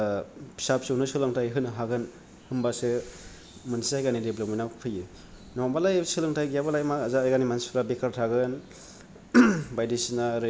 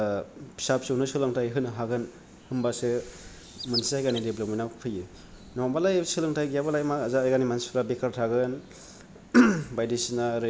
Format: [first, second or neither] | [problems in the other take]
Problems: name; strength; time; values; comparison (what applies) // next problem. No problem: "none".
first | background sound (Chirp, tweet); 10 dB below the speech